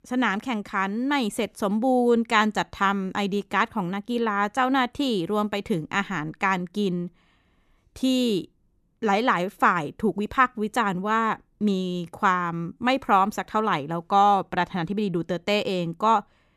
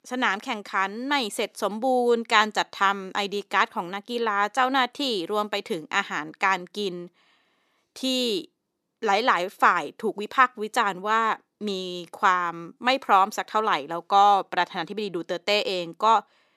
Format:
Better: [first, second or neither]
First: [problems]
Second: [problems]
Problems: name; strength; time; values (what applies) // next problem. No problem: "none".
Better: first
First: none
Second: thin; somewhat; fading below 350 Hz